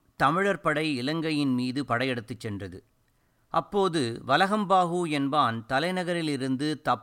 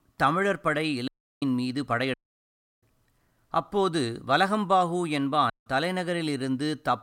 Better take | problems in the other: first | audio cutting out; at 1 s, at 2 s for 0.5 s and at 5.5 s

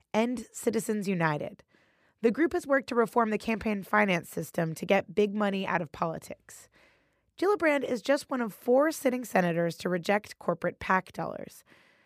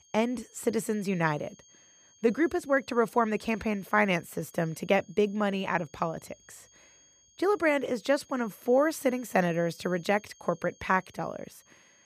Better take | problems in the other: first | high-pitched whine; faint; throughout; 6.5 kHz, 30 dB below the speech

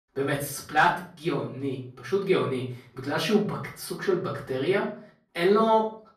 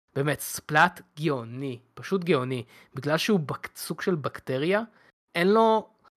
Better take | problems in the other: second | off-mic speech; far // room echo; slight; dies away in 0.4 s

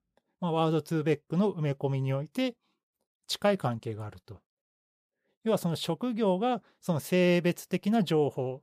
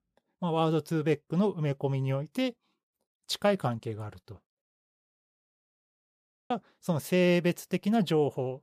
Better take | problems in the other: first | audio freezing; at 5 s for 1.5 s

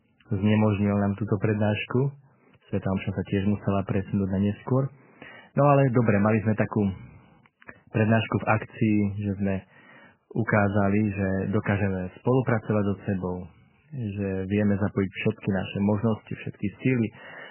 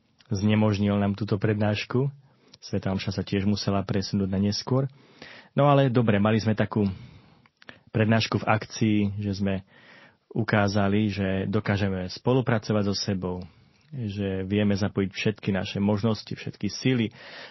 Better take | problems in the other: second | garbled, watery; badly; nothing above 3 kHz; slightly in the second

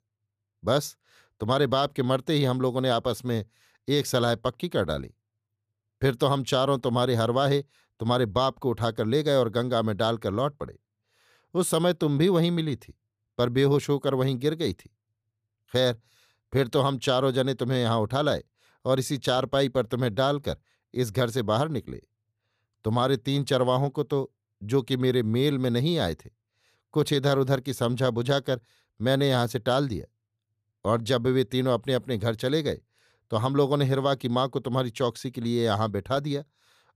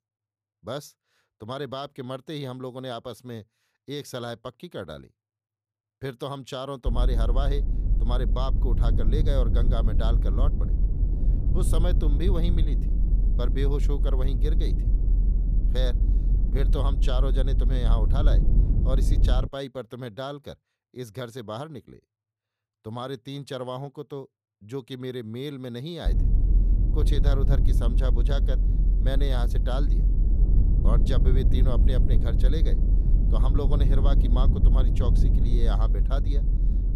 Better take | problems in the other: first | low rumble; loud; from 7 to 19 s and from 26 s on; 6 dB below the speech

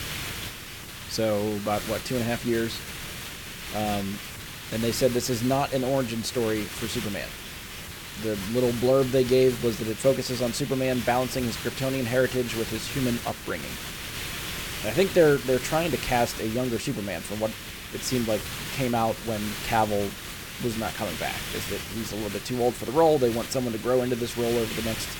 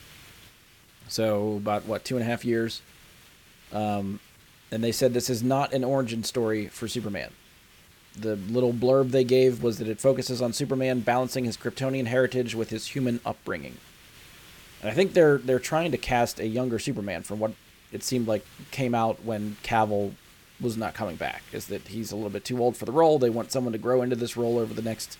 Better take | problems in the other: second | hiss; loud; throughout; 8 dB below the speech; faint in the second

